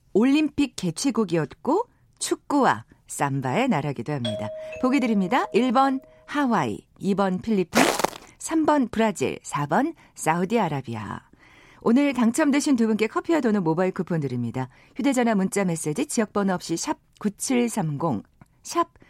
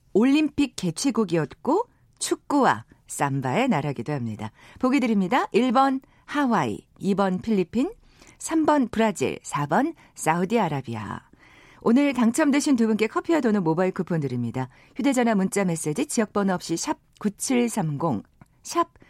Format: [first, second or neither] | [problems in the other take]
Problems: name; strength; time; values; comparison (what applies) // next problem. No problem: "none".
second | doorbell; noticeable; from 4 to 6 s; peak 7 dB below the speech // footsteps; loud; at 8 s; peak 3 dB above the speech